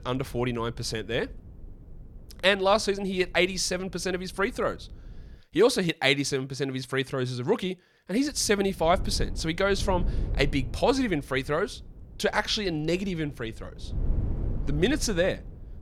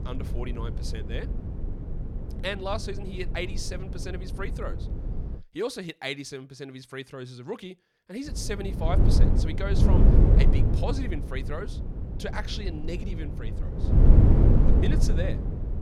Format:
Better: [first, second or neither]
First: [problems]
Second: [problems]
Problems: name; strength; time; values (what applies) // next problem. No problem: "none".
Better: first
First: wind noise on the microphone; occasional gusts; until 5.5 s and from 8.5 s on; 25 dB below the speech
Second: wind noise on the microphone; heavy; until 5.5 s and from 8.5 s on; 2 dB below the speech